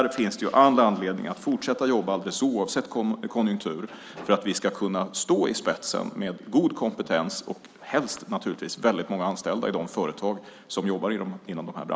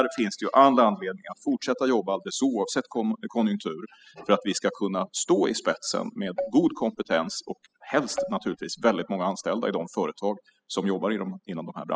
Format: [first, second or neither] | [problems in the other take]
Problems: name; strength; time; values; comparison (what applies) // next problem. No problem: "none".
first | noise reduction (classical method spectral subtraction)